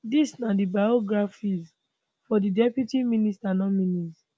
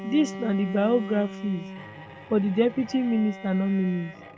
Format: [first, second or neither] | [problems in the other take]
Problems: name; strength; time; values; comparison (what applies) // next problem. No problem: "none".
first | background sound (Bowed string instrument); 13 dB below the speech